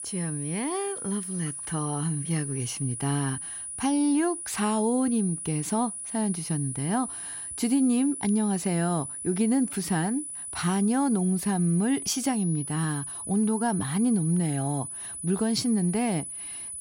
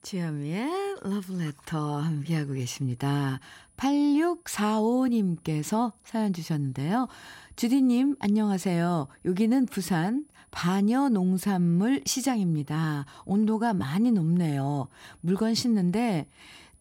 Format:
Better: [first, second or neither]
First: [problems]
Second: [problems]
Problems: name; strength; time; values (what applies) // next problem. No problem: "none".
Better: second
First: high-pitched whine; loud; throughout; 10 kHz, 6 dB below the speech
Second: high-pitched whine; faint; throughout; 10 kHz, 35 dB below the speech